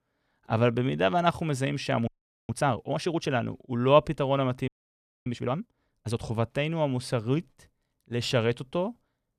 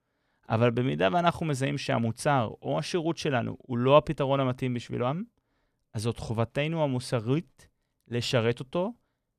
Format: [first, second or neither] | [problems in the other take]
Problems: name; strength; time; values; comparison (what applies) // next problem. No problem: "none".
second | audio freezing; at 2 s and at 4.5 s for 0.5 s